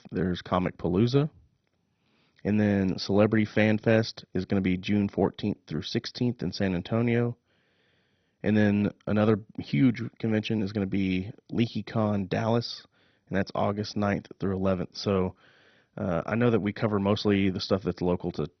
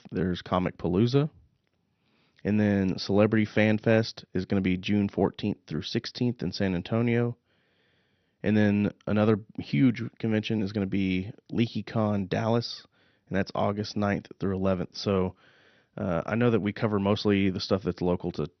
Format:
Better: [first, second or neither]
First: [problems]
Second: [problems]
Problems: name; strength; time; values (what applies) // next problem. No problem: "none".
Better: second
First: garbled, watery; badly; nothing above 6 kHz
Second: garbled, watery; slightly; nothing above 6 kHz